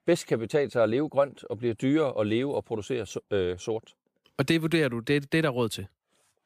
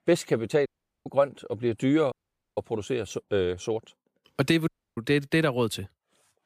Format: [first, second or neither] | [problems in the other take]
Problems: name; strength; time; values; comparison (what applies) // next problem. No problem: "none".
first | audio cutting out; at 0.5 s, at 2 s and at 4.5 s